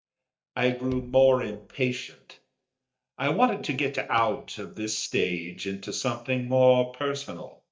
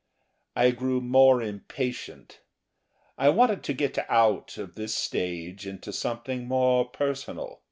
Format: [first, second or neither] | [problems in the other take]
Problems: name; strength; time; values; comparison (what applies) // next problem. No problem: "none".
second | noise reduction (neural mask model DeepFilterNet 3)